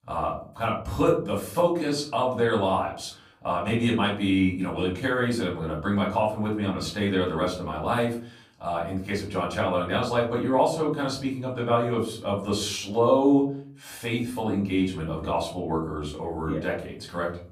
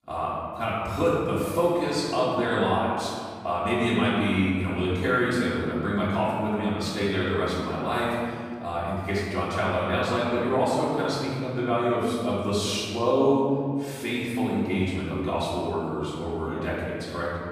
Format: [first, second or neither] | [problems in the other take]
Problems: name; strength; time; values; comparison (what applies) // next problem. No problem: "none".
first | room echo; strong; dies away in 2 s; slight in the first // off-mic speech; far; far in the first